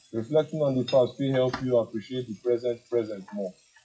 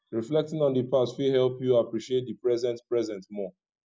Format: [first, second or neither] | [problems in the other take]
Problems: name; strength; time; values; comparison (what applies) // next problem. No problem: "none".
second | noise reduction (classical method WPE with log-MMSE)